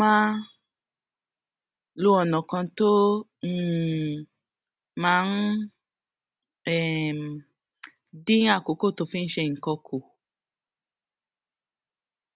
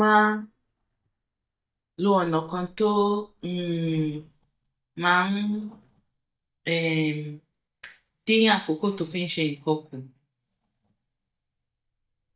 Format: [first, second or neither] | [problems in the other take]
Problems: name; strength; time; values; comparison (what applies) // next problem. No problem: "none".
first | noise reduction (neural mask model DeepFilterNet 3)